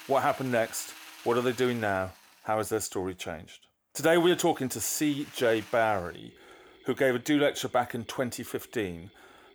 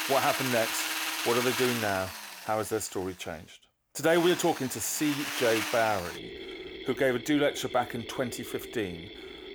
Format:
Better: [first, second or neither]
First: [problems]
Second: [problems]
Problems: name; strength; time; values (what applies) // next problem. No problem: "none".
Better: first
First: machinery noise; faint; throughout; 20 dB below the speech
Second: machinery noise; loud; throughout; 5 dB below the speech